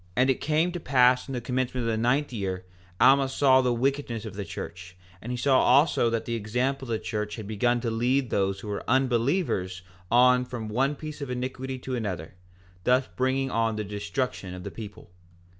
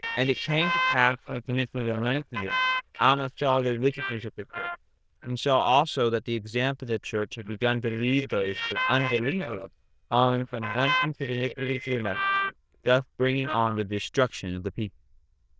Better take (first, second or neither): first